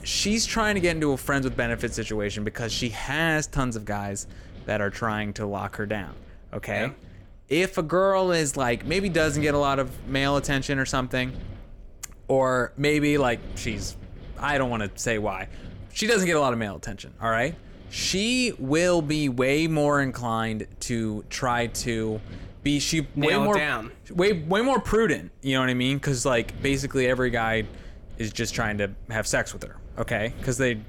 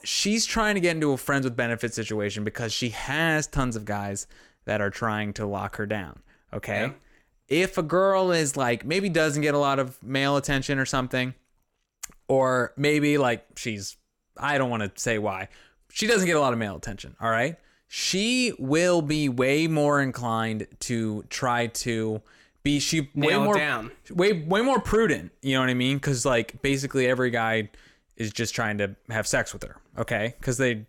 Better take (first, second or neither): second